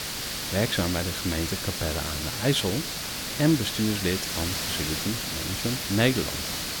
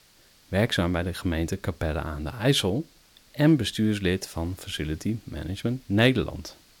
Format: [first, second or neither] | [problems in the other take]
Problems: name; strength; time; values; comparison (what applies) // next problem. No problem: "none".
second | hiss; loud; throughout; 1 dB below the speech; faint in the second